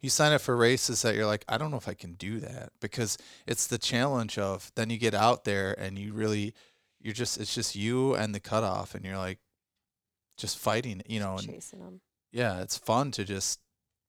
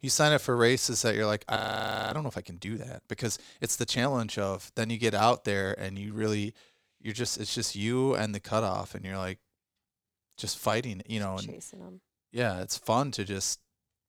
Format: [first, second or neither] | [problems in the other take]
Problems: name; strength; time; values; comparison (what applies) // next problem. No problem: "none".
first | audio freezing; at 1.5 s for 0.5 s